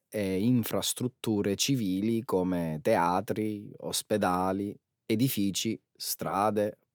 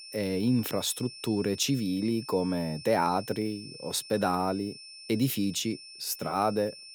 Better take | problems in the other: first | high-pitched whine; noticeable; throughout; 5.5 kHz, 15 dB below the speech

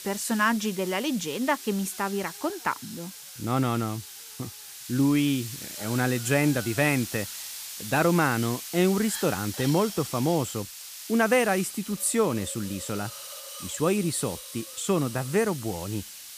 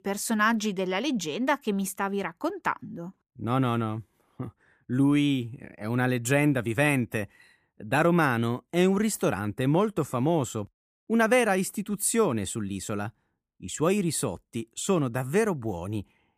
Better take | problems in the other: second | hiss; noticeable; throughout; 10 dB below the speech

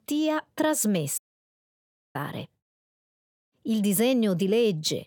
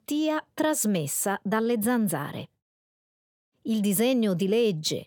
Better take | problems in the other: second | audio cutting out; at 1 s for 1 s

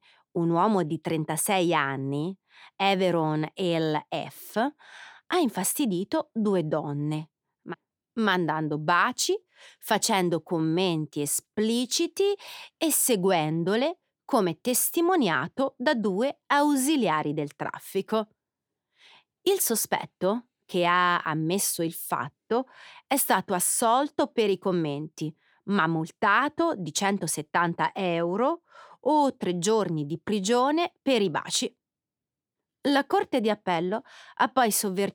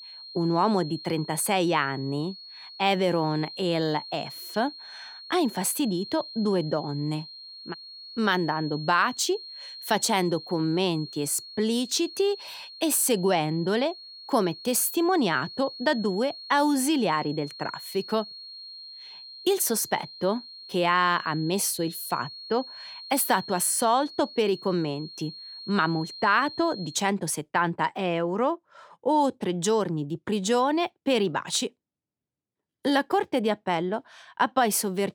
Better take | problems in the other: first | high-pitched whine; noticeable; until 27 s; 4.5 kHz, 15 dB below the speech

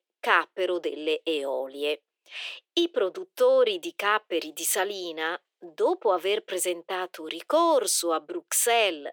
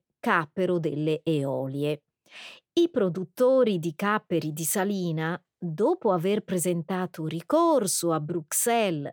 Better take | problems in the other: second | thin; very; fading below 350 Hz

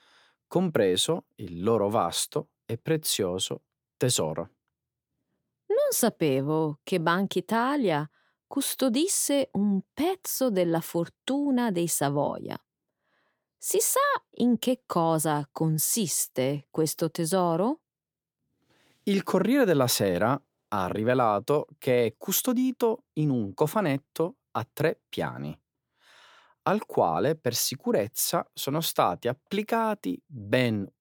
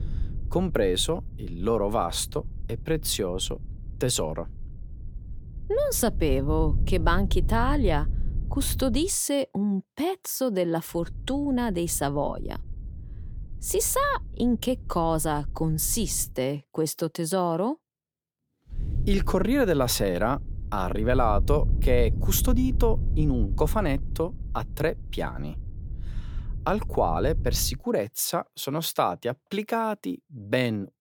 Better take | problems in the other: first | low rumble; faint; until 9 s, from 11 to 16 s and from 19 to 28 s; 20 dB below the speech

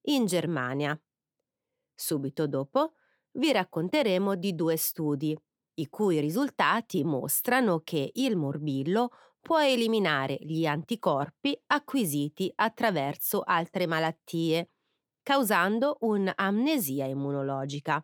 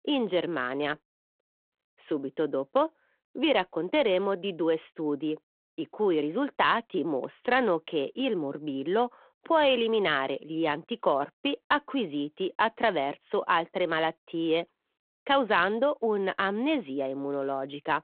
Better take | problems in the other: first | phone-call audio

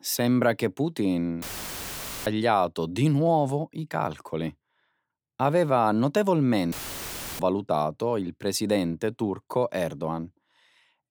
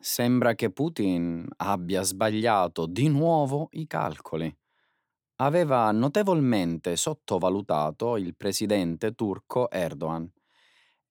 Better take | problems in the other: second | audio cutting out; filled with static; at 1.5 s for 1 s and at 6.5 s for 0.5 s

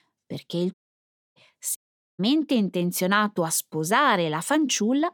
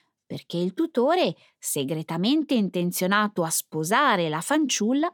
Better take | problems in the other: second | audio cutting out; at 0.5 s for 0.5 s and at 2 s

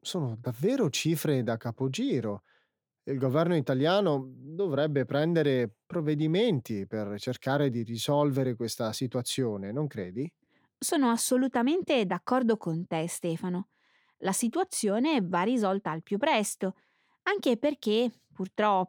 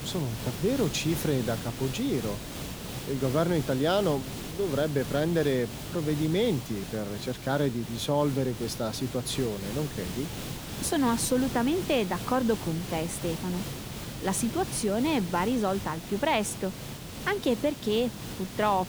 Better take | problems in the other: first | hiss; loud; throughout; 9 dB below the speech

